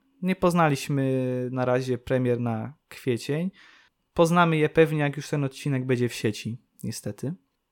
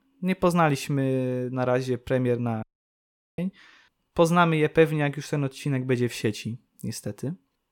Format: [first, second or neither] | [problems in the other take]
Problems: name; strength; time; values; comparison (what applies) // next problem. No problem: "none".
first | audio cutting out; at 2.5 s for 1 s